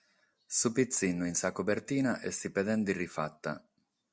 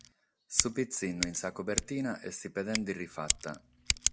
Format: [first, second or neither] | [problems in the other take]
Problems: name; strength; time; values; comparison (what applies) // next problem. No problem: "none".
first | background sound (Scissors); as loud as the speech